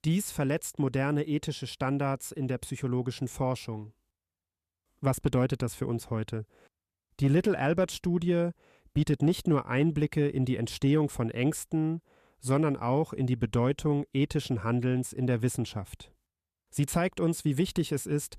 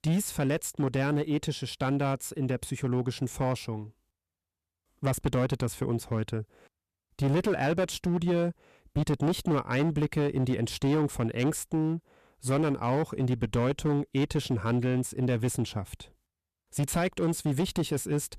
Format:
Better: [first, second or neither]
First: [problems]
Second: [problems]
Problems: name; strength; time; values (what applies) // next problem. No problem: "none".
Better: first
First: none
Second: distortion; slight; 11% of the sound clipped